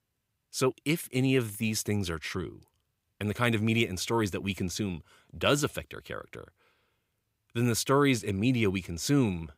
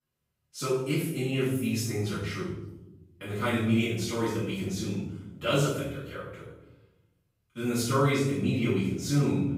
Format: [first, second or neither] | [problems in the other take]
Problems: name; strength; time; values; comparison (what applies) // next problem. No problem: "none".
first | off-mic speech; far // room echo; strong; dies away in 0.8 s